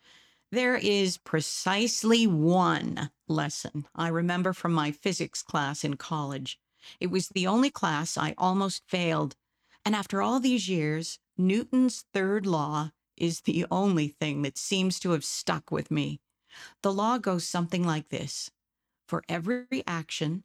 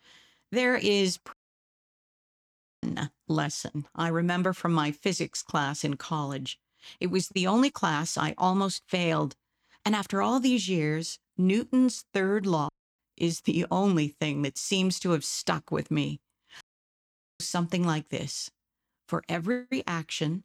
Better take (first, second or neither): first